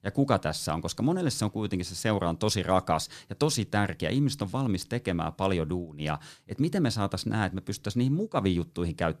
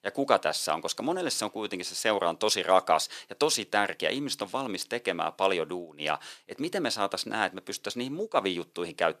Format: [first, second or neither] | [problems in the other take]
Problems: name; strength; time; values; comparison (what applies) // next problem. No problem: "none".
first | thin; somewhat; fading below 500 Hz